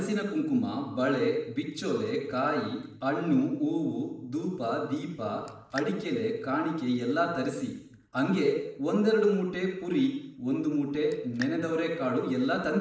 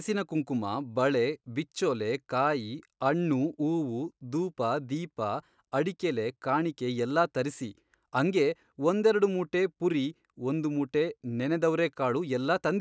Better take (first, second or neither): second